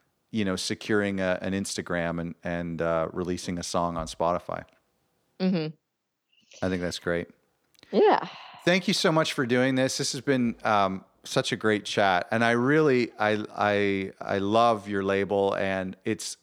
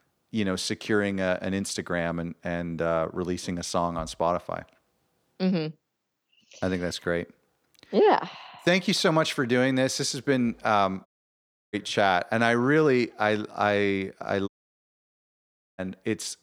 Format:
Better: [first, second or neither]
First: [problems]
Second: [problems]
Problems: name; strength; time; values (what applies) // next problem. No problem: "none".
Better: first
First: none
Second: audio cutting out; at 11 s for 0.5 s and at 14 s for 1.5 s